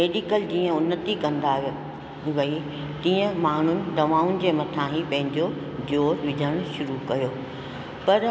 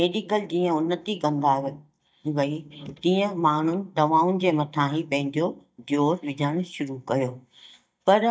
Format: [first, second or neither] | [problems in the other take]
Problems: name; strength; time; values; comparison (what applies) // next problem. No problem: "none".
first | noise reduction (neural mask model DeepFilterNet 3)